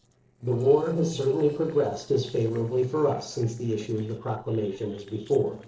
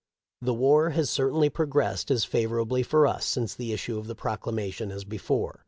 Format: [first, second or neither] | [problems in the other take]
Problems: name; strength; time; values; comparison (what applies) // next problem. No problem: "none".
second | noise reduction (neural separator model SepFormer DNS4)